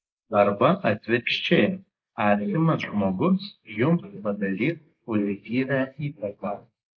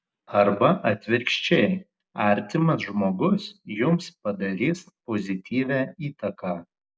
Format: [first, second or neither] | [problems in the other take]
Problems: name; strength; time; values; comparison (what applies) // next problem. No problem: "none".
second | noise reduction (neural mask model Resemble Enhance denoiser)